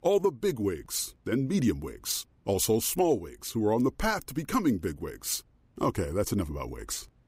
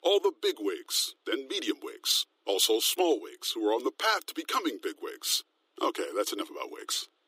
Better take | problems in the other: first | thin; very; fading below 300 Hz

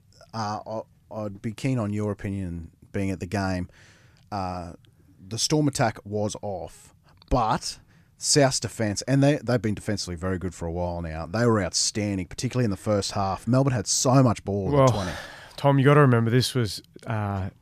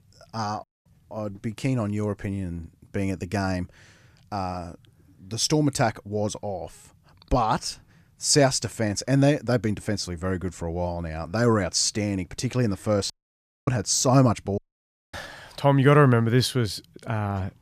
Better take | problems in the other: first | audio cutting out; at 0.5 s, at 13 s for 0.5 s and at 15 s for 0.5 s

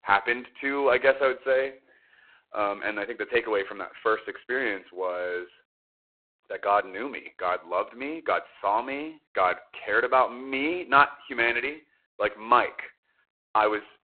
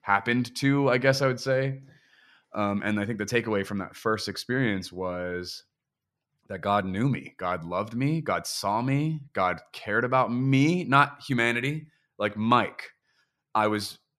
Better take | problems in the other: second | phone-call audio; poor line; nothing above 4 kHz

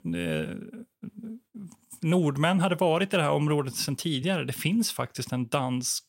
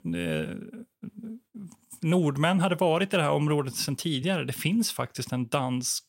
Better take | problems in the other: neither | none

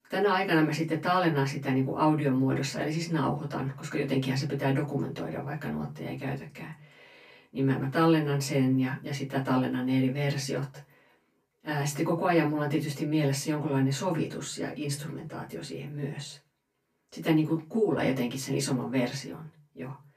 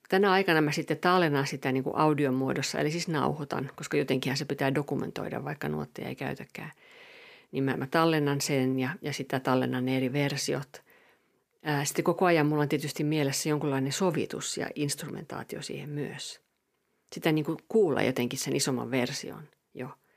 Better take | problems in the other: second | off-mic speech; far // room echo; very slight; dies away in 0.2 s

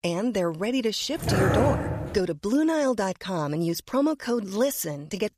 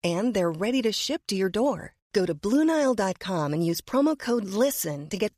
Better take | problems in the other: second | dog barking; loud; from 1 to 2 s; peak 3 dB above the speech

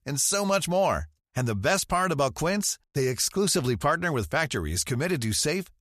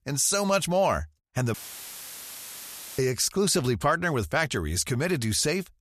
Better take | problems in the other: first | audio cutting out; filled with static; at 1.5 s for 1.5 s

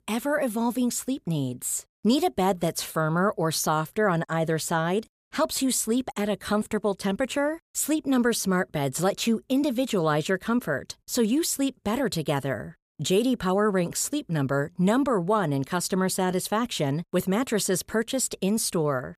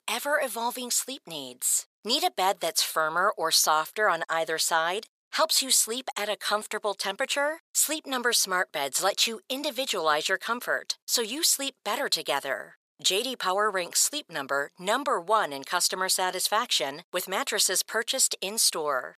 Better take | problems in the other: first | thin; very; fading below 750 Hz

